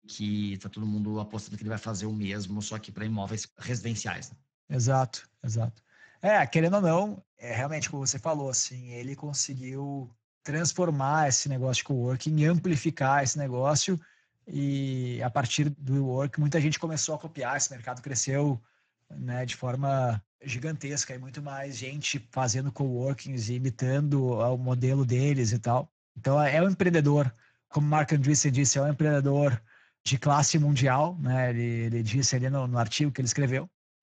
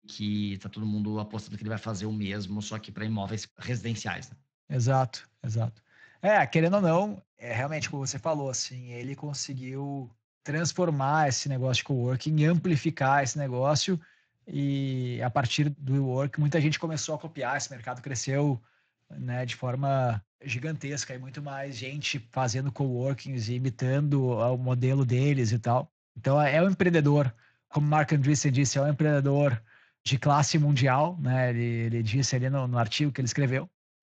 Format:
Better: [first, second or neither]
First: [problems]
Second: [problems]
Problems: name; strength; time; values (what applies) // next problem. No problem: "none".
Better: second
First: garbled, watery; badly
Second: garbled, watery; slightly